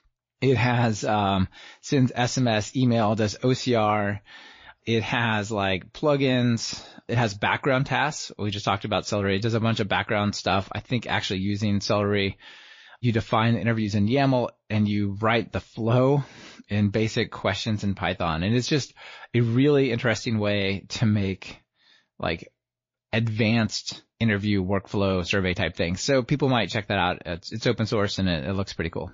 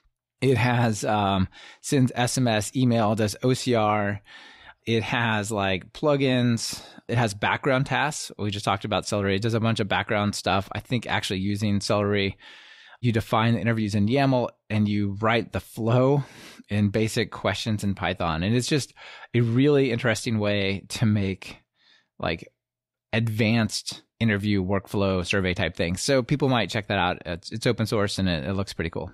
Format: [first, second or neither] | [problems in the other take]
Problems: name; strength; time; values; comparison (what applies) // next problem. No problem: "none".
second | garbled, watery; slightly